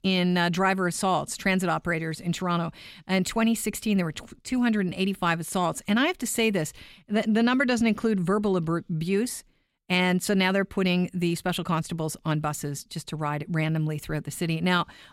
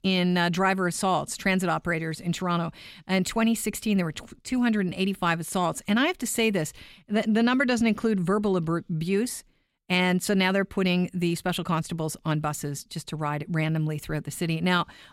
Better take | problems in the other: neither | none

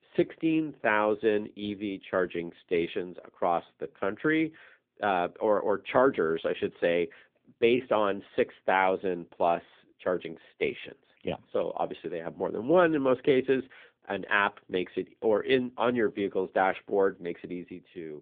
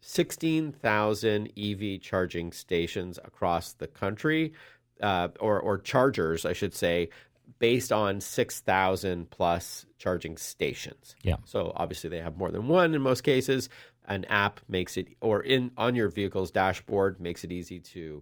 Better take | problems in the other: second | phone-call audio; nothing above 3.5 kHz

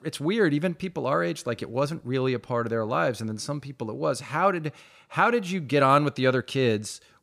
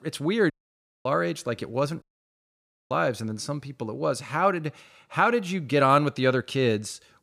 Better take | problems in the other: first | audio cutting out; at 0.5 s for 0.5 s and at 2 s for 1 s

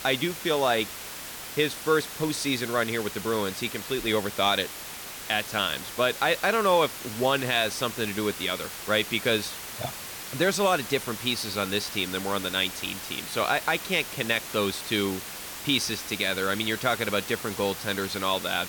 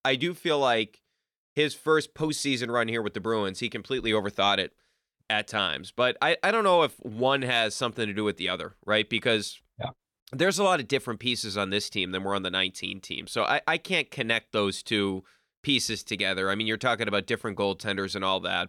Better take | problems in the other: second | hiss; loud; throughout; 9 dB below the speech

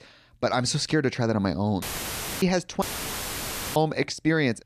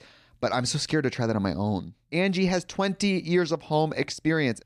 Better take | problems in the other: second | audio cutting out; filled with static; at 2 s for 0.5 s and at 3 s for 1 s

